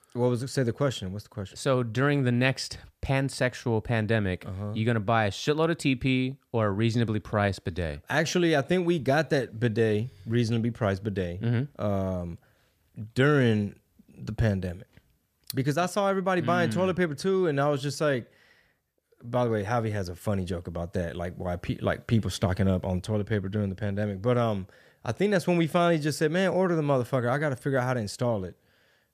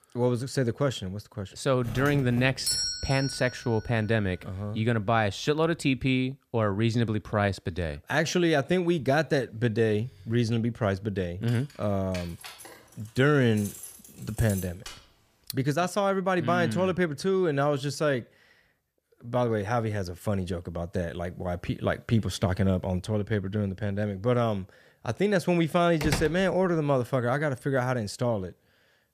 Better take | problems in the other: first | doorbell; loud; from 2 to 3.5 s; peak 1 dB above the speech // jangling keys; faint; from 11 to 15 s; peak 10 dB below the speech // door banging; noticeable; at 26 s; peak 3 dB below the speech

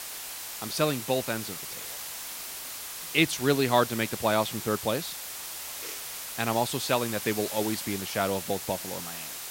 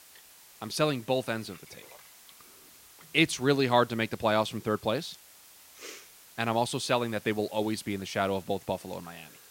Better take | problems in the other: second | hiss; loud; throughout; 7 dB below the speech; faint in the second

